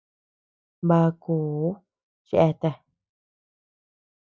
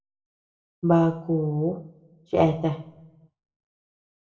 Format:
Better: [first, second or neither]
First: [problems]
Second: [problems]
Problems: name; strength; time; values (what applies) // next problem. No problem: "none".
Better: first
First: none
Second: room echo; dies away in 0.5 s